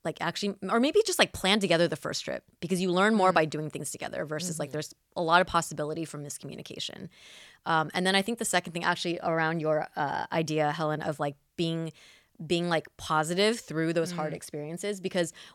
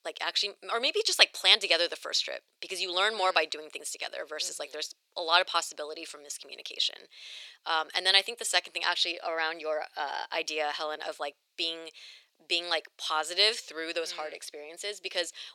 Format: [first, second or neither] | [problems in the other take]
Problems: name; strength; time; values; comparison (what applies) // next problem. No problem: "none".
first | thin; very; fading below 400 Hz